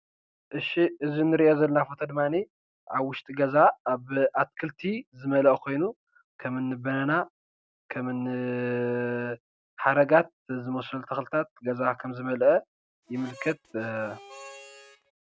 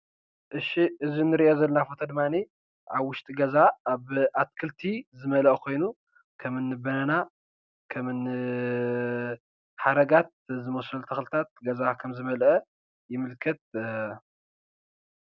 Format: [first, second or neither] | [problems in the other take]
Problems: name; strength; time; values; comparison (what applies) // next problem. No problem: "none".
second | background sound (Harmonica); 20 dB below the speech